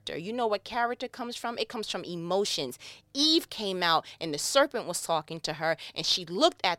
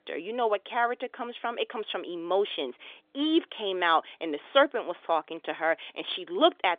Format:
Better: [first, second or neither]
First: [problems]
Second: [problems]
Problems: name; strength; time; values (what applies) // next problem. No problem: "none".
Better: first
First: none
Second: phone-call audio; nothing above 3.5 kHz